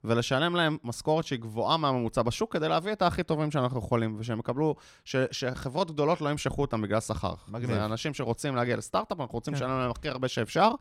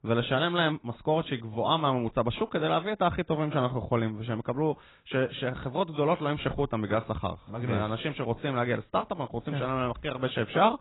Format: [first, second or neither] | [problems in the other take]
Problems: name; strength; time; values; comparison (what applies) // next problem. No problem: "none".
first | garbled, watery; badly; nothing above 4 kHz